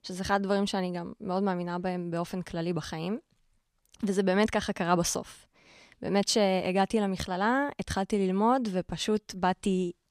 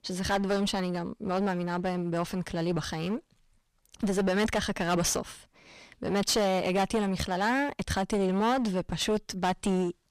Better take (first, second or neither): first